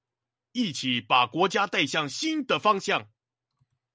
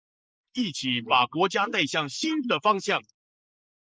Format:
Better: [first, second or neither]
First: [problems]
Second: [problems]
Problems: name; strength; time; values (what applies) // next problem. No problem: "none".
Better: first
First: none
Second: noise reduction (neural mask model Resemble Enhance denoiser)